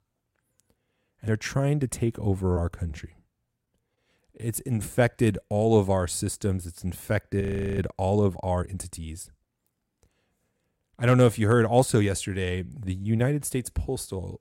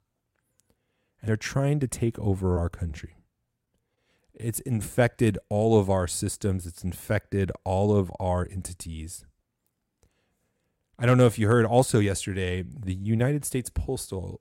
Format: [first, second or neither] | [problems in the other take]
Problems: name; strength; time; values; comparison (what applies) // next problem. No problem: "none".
second | audio freezing; at 7.5 s